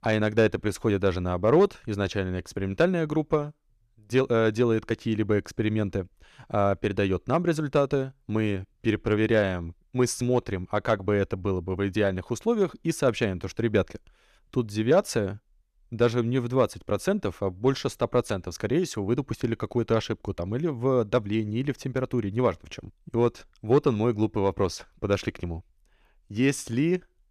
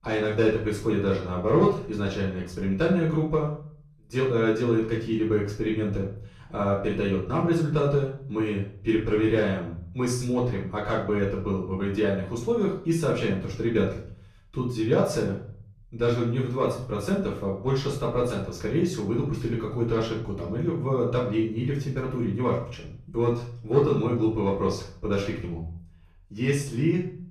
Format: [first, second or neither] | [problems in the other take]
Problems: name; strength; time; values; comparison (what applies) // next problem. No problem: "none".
first | off-mic speech; far // room echo; noticeable; dies away in 0.5 s